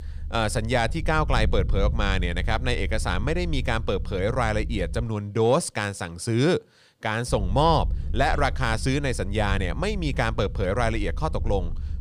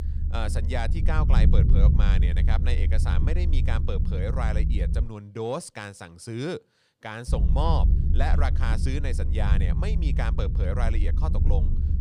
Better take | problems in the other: first | low rumble; loud; until 5 s and from 7.5 s on; 7 dB below the speech; faint in the first

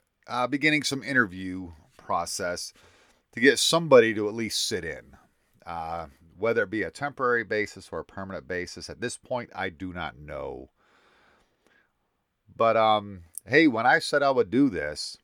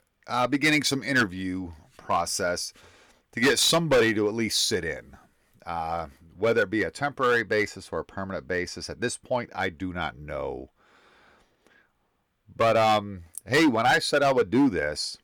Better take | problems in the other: first | distortion; heavy; 5% of the sound clipped

